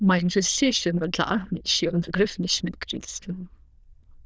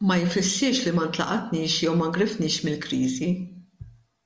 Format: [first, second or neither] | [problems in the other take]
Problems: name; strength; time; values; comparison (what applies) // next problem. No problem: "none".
second | noise reduction (neural diffusion model UNIVERSE++)